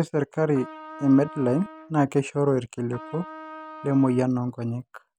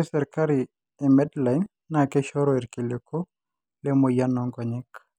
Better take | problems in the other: second | background sound (Trumpet); 17 dB below the speech

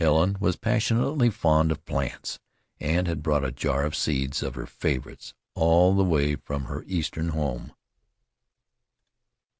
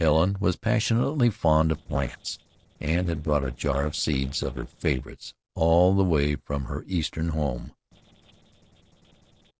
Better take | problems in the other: first | noise reduction (neural separator model SepFormer DNS4)

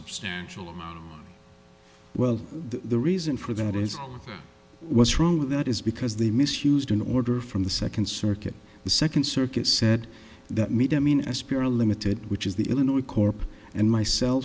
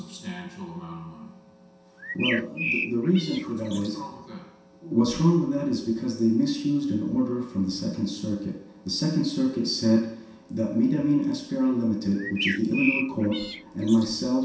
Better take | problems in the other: first | background sound (Bird); 6 dB below the speech // room echo; dies away in 0.7 s

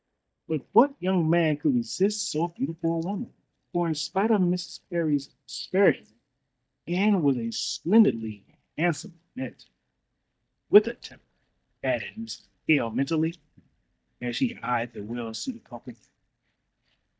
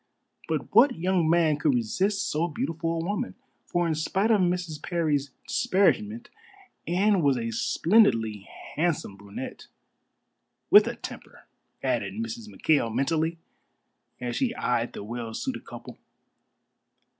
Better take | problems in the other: second | noise reduction (neural mask model DeepFilterNet 3)

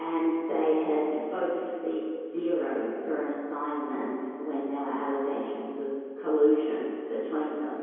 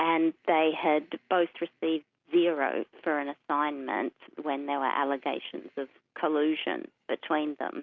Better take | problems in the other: second | room echo; dies away in 2.2 s

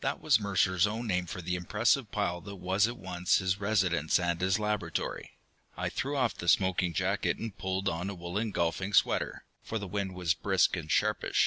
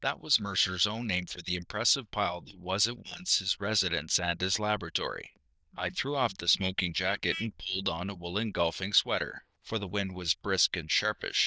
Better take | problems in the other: first | noise reduction (neural diffusion model UNIVERSE++)

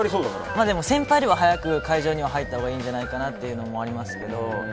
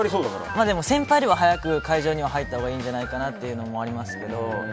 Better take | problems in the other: second | background sound (Wind instrument, woodwind instrument + Wind); 16 dB below the speech

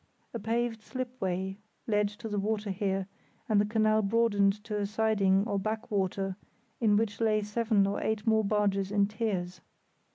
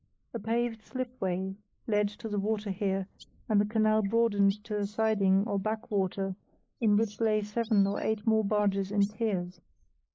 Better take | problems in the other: first | noise reduction (neural mask model Resemble Enhance denoiser)

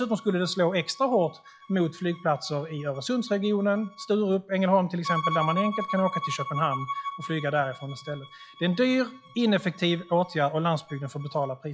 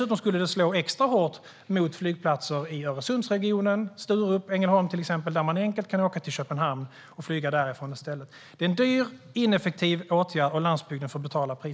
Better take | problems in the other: second | noise reduction (classical method log-MMSE)

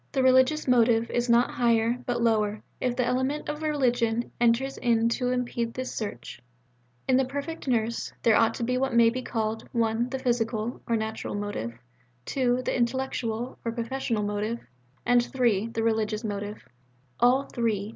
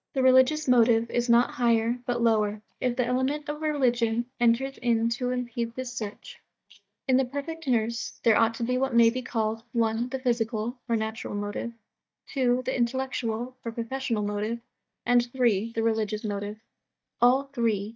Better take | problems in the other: first | noise reduction (neural mask model DeepFilterNet 3)

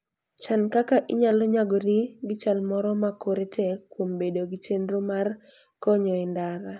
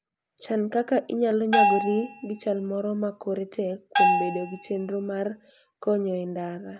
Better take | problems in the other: first | background sound (Bell); 1 dB above the speech

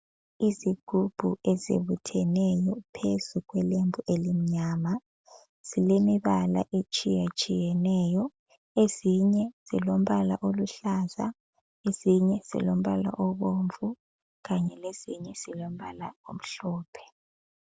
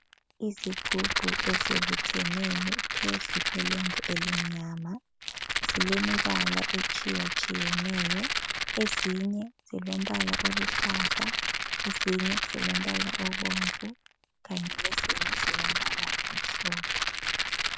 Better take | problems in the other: first | background sound (Rattle); 4 dB above the speech

